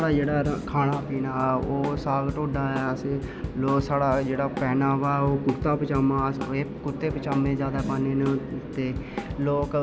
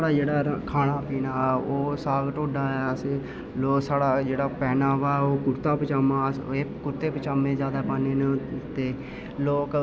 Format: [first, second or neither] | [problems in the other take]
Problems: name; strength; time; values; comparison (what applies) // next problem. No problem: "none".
second | background sound (Drum kit); 12 dB below the speech